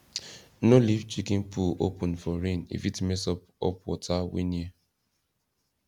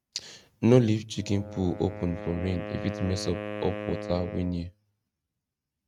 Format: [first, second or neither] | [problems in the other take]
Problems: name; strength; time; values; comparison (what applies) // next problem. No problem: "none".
first | noise reduction (neural mask model RNNoise)